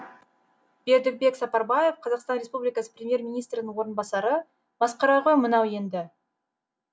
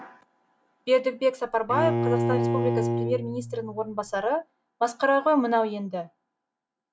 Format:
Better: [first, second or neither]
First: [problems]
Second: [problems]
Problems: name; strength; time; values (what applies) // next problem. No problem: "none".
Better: first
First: none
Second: background sound (Bowed string instrument); as loud as the speech